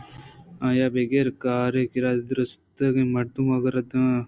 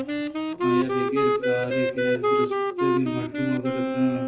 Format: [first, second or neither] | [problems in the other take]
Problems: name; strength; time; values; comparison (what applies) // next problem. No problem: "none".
first | background sound (Wind instrument, woodwind instrument); 3 dB above the speech // room echo; dies away in 0.8 s